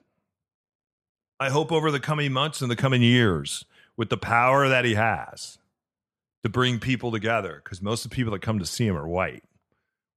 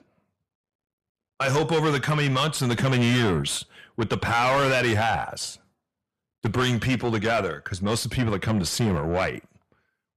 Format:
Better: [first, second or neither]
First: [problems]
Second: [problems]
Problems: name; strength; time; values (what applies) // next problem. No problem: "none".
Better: first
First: none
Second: distortion; heavy; 7 dB below the speech